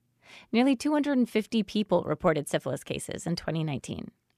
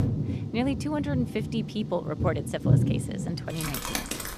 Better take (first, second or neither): first